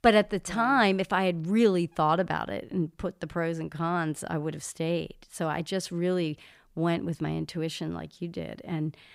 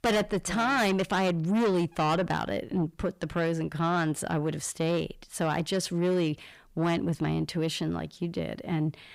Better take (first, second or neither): first